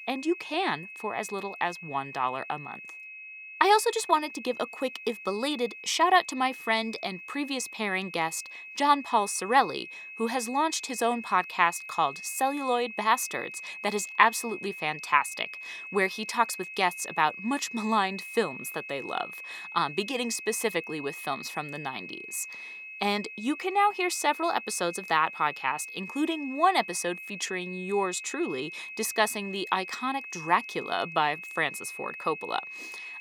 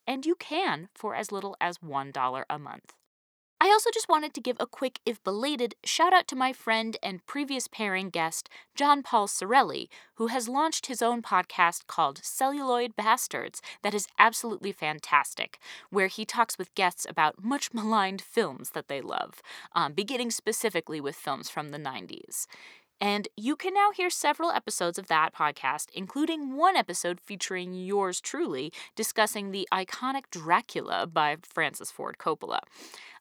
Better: second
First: high-pitched whine; noticeable; throughout; 2.5 kHz, 10 dB below the speech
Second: none

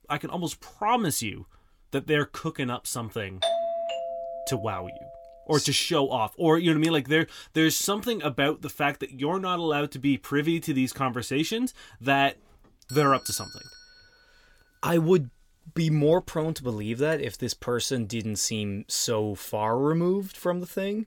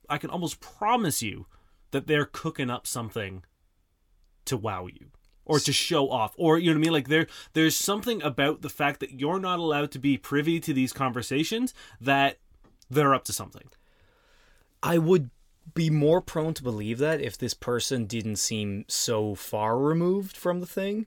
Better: second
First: doorbell; noticeable; from 3.5 to 5 s and at 13 s; peak level with the speech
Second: none

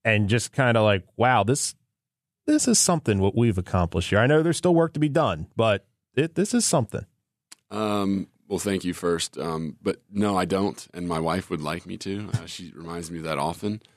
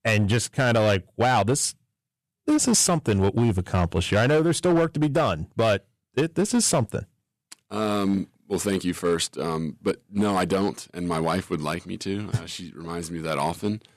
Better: first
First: none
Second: distortion; slight; 7% of the sound clipped

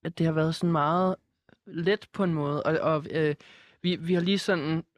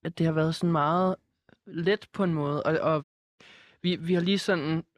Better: first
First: none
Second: audio cutting out; at 3 s

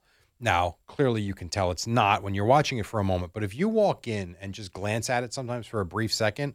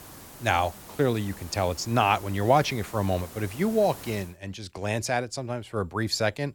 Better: first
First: none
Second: hiss; noticeable; until 4 s; 15 dB below the speech

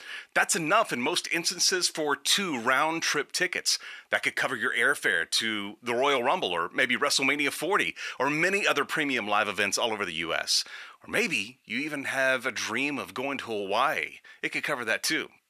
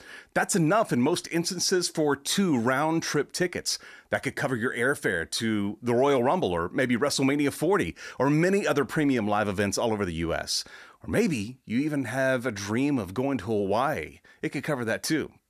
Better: second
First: thin; somewhat; fading below 750 Hz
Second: none

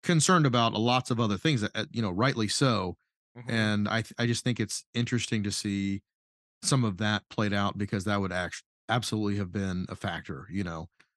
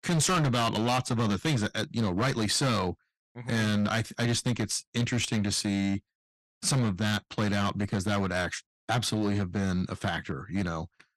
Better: first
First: none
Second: distortion; heavy; 13% of the sound clipped

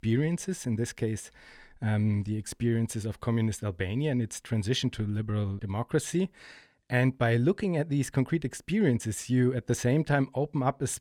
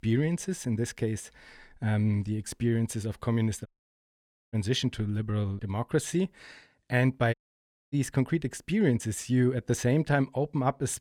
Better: first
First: none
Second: audio cutting out; at 3.5 s for 1 s and at 7.5 s for 0.5 s

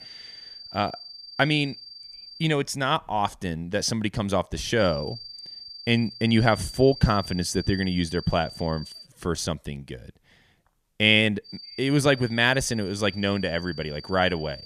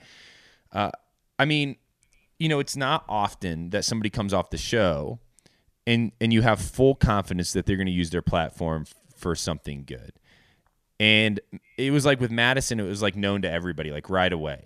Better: second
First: high-pitched whine; noticeable; until 2.5 s, from 5 to 9 s and from 11 s on; 4.5 kHz, 15 dB below the speech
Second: none

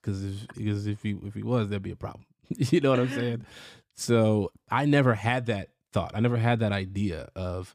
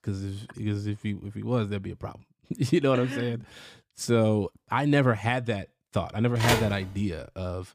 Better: first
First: none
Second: phone ringing; loud; at 6.5 s; peak 2 dB above the speech

